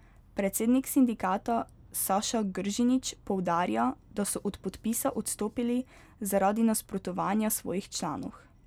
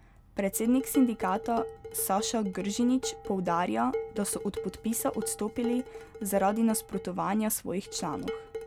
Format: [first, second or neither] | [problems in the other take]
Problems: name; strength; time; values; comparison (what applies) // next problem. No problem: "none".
first | background sound (Dishes, pots, and pans); 11 dB below the speech